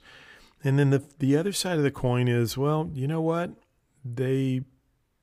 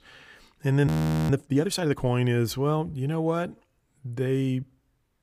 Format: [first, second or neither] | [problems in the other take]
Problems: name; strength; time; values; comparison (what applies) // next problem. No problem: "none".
first | audio freezing; at 1 s